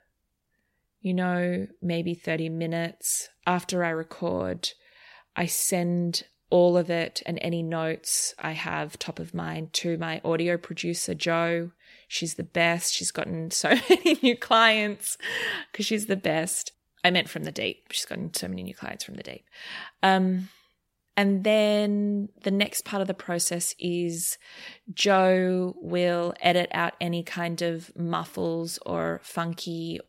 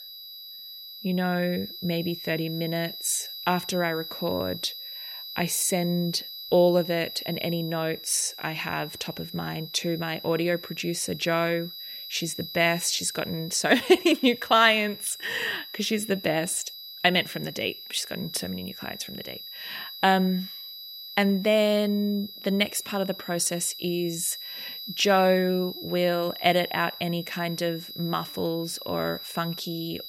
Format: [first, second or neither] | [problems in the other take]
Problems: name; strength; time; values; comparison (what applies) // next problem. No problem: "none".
first | high-pitched whine; noticeable; throughout; 4 kHz, 10 dB below the speech